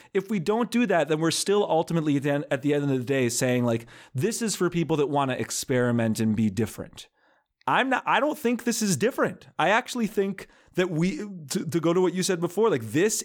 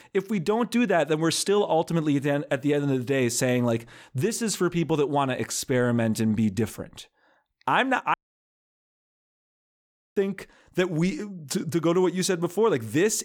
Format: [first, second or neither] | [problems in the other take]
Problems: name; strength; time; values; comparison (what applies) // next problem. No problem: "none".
first | audio cutting out; at 8 s for 2 s